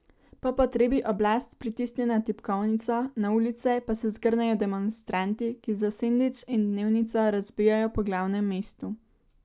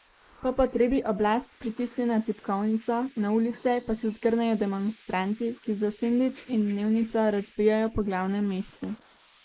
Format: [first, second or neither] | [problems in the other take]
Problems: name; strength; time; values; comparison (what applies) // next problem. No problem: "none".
first | noise reduction (neural mask model Resemble Enhance denoiser)